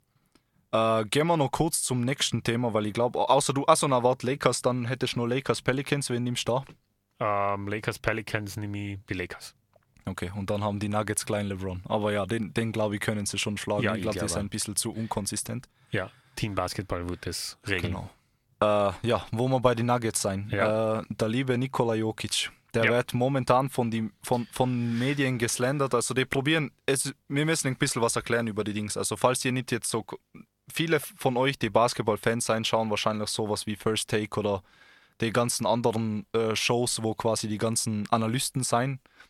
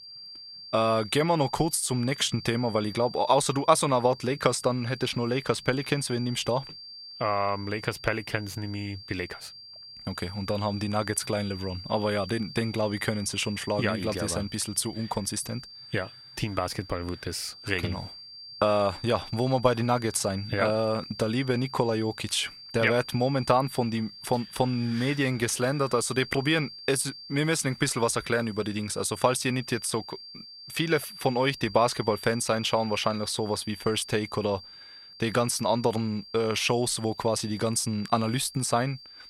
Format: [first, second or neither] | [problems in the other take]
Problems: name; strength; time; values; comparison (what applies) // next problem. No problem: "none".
first | high-pitched whine; noticeable; throughout; 4.5 kHz, 15 dB below the speech